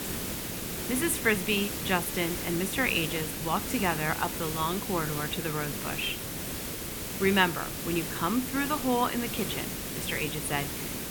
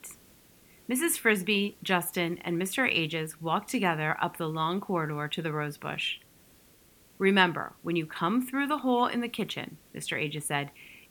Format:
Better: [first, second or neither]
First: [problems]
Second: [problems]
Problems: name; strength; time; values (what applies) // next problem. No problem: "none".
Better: second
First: hiss; loud; throughout; 4 dB below the speech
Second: hiss; faint; throughout; 30 dB below the speech